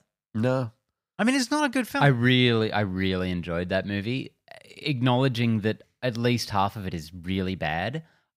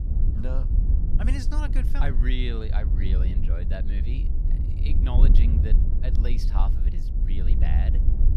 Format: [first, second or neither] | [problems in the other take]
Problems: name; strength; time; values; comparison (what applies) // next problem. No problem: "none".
first | wind noise on the microphone; heavy; 4 dB below the speech